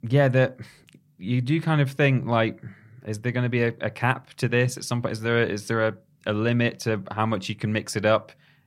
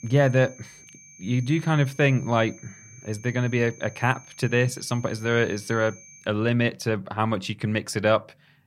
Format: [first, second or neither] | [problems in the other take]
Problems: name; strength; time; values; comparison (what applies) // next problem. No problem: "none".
first | high-pitched whine; faint; until 6 s; 6.5 kHz, 20 dB below the speech